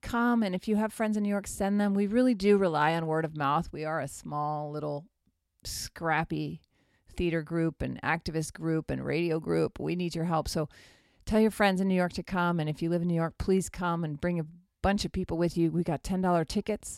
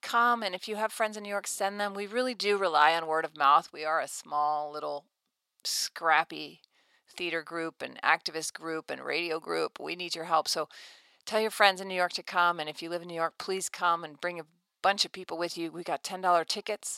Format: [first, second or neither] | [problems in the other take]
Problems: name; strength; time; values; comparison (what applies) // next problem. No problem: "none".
first | thin; very; fading below 600 Hz